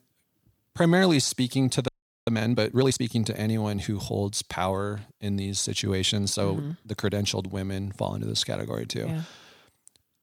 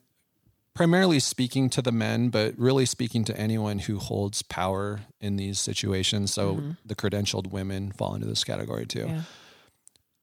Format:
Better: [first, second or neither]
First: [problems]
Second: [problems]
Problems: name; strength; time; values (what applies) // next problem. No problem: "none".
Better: second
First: audio freezing; at 2 s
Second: none